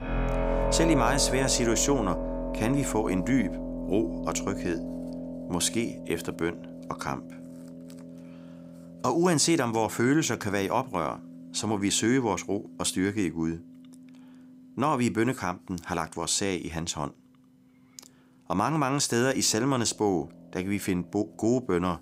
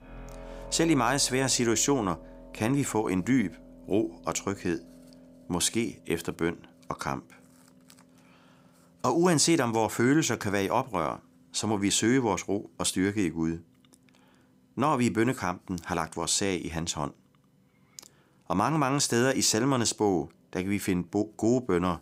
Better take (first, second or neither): second